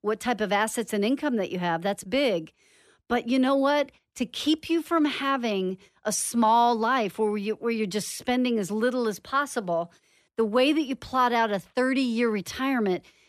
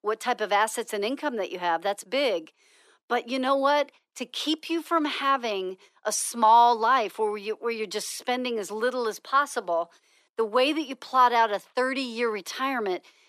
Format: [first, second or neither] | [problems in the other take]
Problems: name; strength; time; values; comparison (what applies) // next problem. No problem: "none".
first | thin; somewhat; fading below 350 Hz